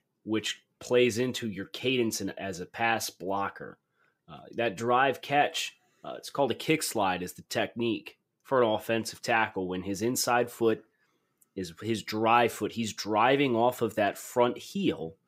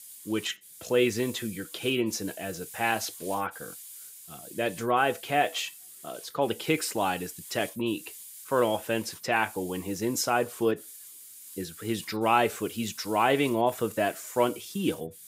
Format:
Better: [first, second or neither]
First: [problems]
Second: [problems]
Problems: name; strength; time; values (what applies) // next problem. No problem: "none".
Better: first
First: none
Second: hiss; noticeable; throughout; 15 dB below the speech